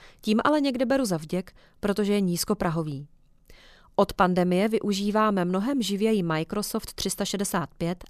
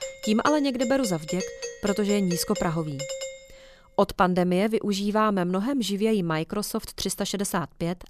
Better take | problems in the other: first | doorbell; noticeable; until 3.5 s; peak 7 dB below the speech

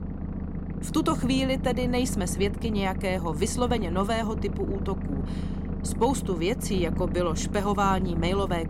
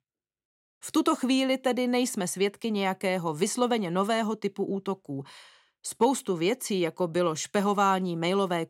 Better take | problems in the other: second | low rumble; noticeable; throughout; 10 dB below the speech

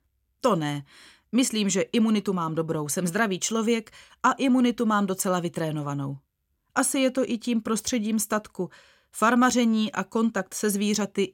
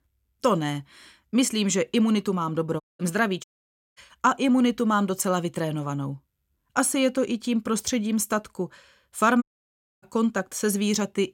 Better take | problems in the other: first | audio cutting out; at 3 s, at 3.5 s for 0.5 s and at 9.5 s for 0.5 s

